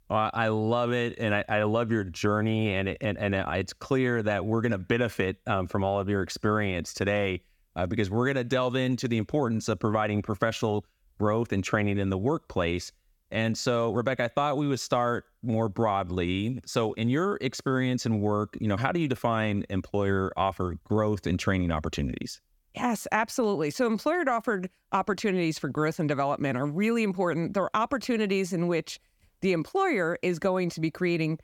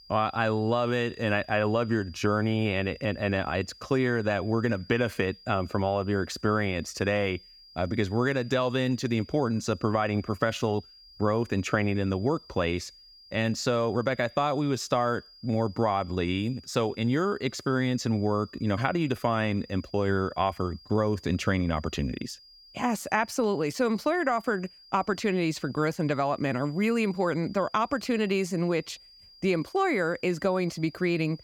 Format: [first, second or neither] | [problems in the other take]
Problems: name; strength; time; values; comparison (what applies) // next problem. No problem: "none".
first | high-pitched whine; faint; throughout; 5 kHz, 25 dB below the speech